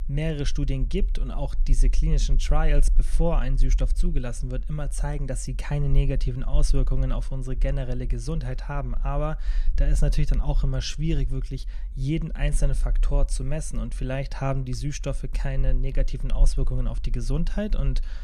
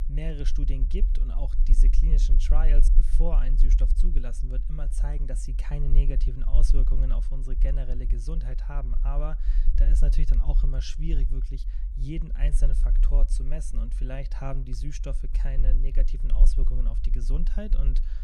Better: first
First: low rumble; faint; throughout; 20 dB below the speech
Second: low rumble; loud; throughout; 9 dB below the speech

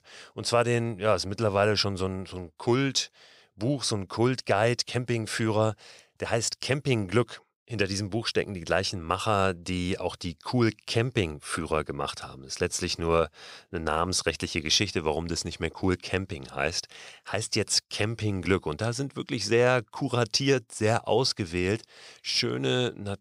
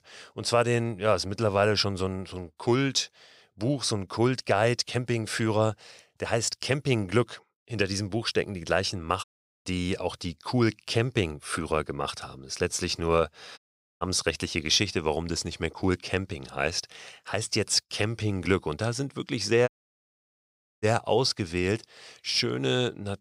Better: first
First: none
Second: audio cutting out; at 9 s, at 14 s and at 20 s for 1 s

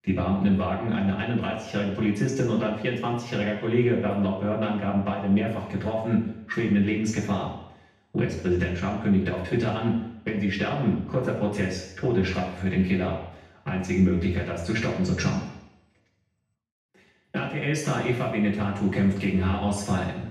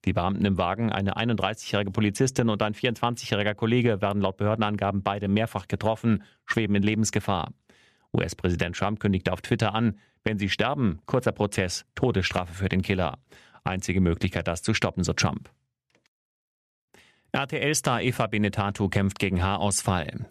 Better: second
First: room echo; noticeable; dies away in 0.8 s // off-mic speech; far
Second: none

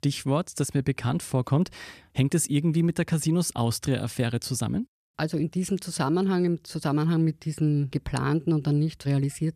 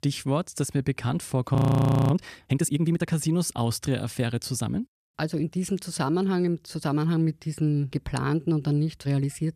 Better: first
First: none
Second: audio freezing; at 1.5 s for 0.5 s

